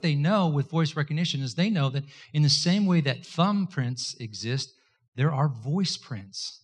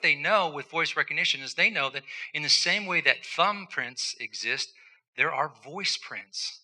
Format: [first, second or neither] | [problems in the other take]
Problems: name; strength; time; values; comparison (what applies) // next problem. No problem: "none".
first | thin; very; fading below 600 Hz